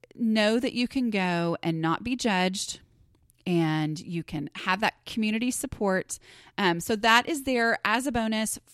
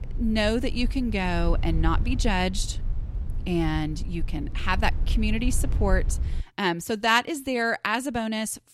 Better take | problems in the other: first | low rumble; faint; until 6.5 s; 20 dB below the speech

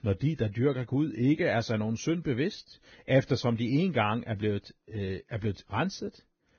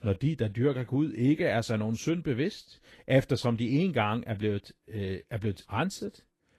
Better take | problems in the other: second | garbled, watery; badly; nothing above 6.5 kHz; slightly in the second

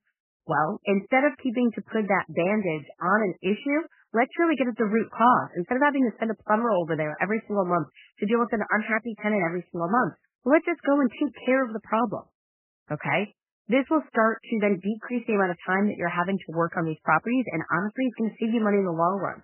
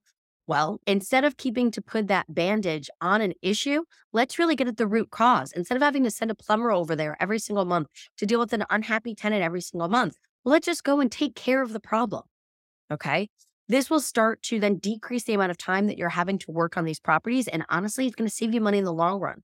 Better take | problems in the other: second | garbled, watery; badly; nothing above 3 kHz

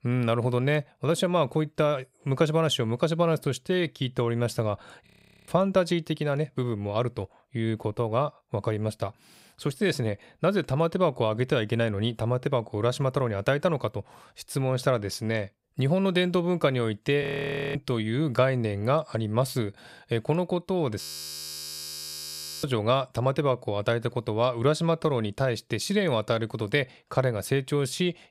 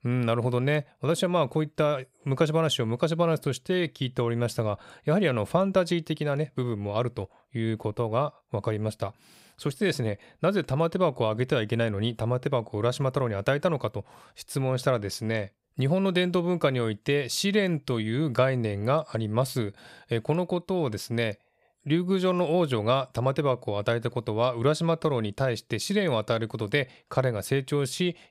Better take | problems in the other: second | audio freezing; at 5 s, at 17 s for 0.5 s and at 21 s for 1.5 s

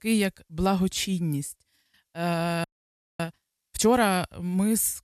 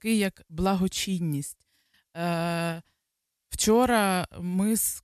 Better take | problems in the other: second | audio freezing; at 2.5 s for 0.5 s

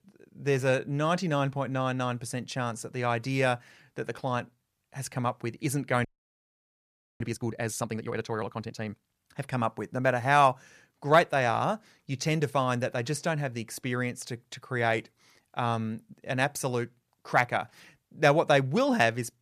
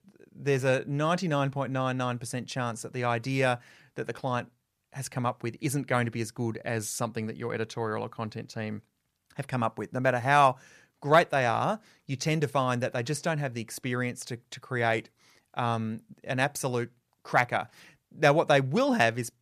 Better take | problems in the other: second | audio freezing; at 6 s for 1 s

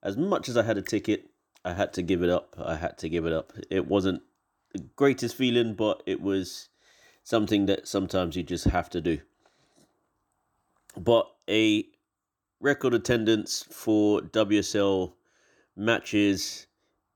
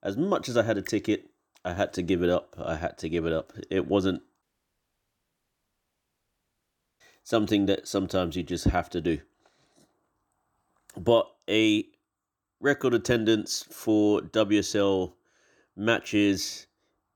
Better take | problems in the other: first | audio cutting out; at 4.5 s for 2.5 s

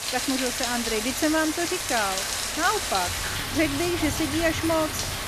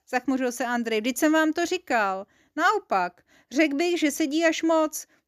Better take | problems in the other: second | rain or running water; loud; throughout; 1 dB below the speech

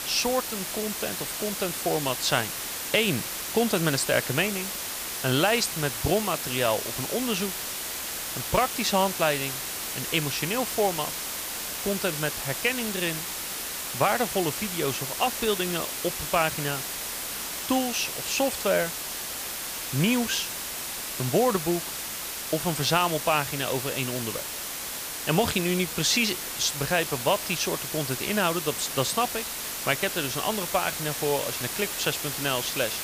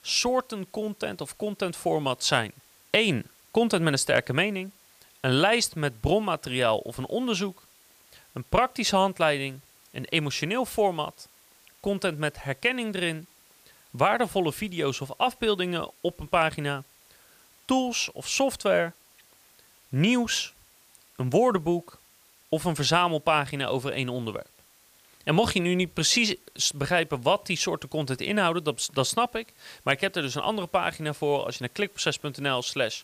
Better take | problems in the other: second | hiss; loud; throughout; 3 dB below the speech; faint in the second

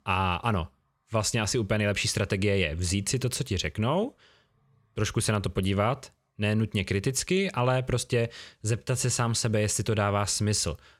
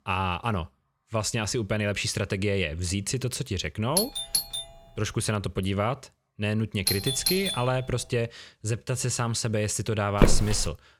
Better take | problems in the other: first | doorbell; loud; at 4 s and at 7 s; peak 2 dB above the speech // footsteps; loud; at 10 s; peak 4 dB above the speech

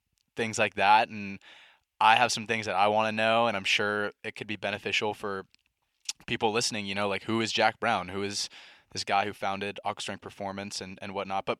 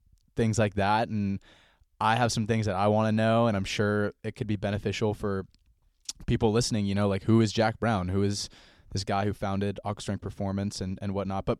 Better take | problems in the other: second | thin; somewhat; fading below 600 Hz

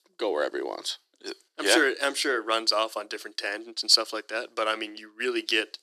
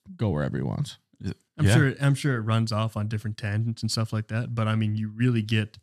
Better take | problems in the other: second | thin; very; fading below 350 Hz

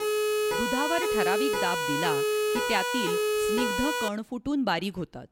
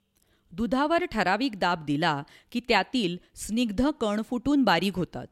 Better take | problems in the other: second | siren; loud; until 4 s; peak 5 dB above the speech

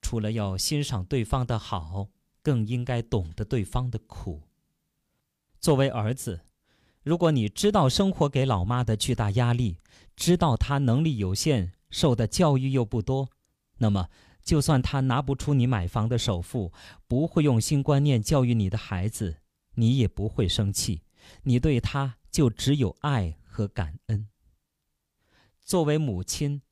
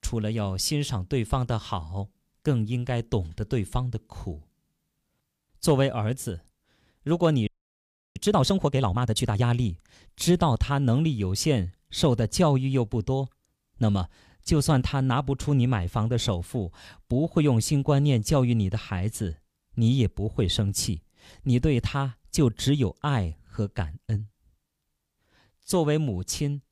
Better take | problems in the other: first | audio freezing; at 7.5 s for 0.5 s

